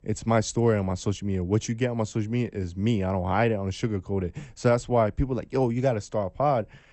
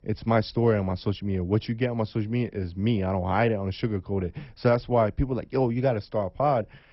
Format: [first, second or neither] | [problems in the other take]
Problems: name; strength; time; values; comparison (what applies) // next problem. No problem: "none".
first | garbled, watery; badly; nothing above 5.5 kHz; slightly in the first